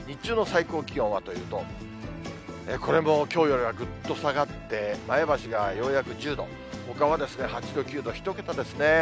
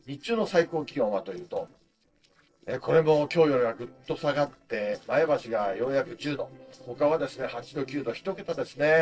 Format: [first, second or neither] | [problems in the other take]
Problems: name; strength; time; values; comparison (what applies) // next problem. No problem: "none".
first | noise reduction (neural separator model SepFormer DNS4)